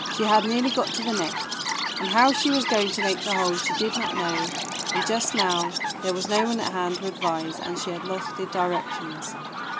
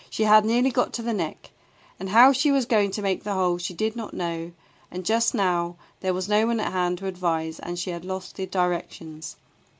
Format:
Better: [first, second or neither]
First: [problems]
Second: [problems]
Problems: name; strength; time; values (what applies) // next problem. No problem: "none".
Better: second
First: background sound (Chirp, tweet); 3 dB below the speech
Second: none